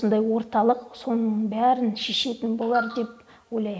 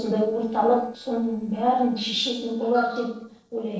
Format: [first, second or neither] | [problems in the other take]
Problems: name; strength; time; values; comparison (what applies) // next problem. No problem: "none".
first | noise reduction (neural separator model SepFormer DNS4)